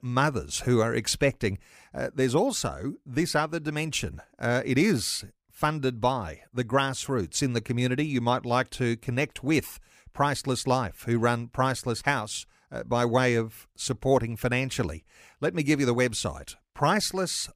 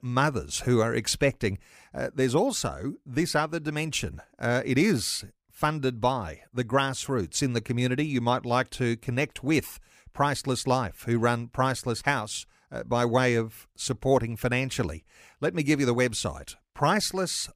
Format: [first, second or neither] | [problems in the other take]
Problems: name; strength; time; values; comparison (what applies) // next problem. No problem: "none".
neither | none